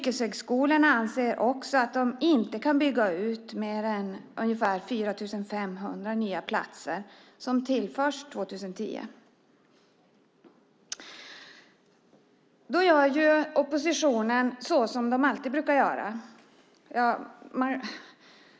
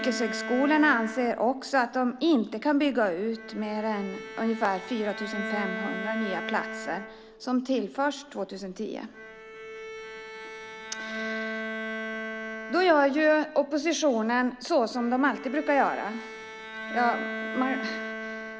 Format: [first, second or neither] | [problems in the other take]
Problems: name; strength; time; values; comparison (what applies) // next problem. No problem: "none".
first | background sound (Bowed string instrument); 9 dB below the speech